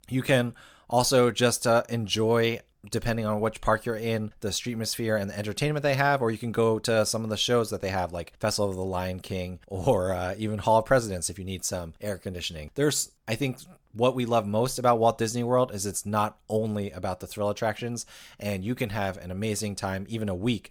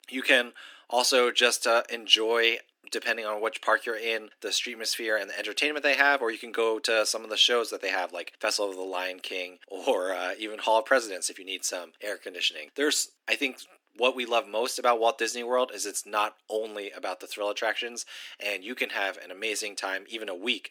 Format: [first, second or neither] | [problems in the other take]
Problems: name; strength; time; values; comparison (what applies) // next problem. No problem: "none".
first | thin; somewhat; fading below 250 Hz